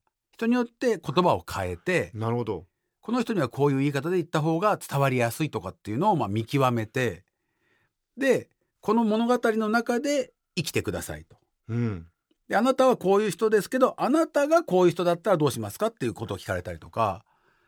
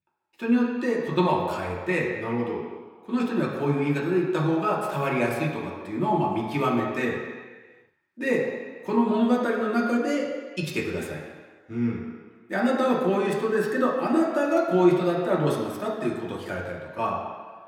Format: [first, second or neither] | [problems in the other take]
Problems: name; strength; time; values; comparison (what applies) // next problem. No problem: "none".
first | room echo; noticeable; dies away in 1.5 s // off-mic speech; somewhat distant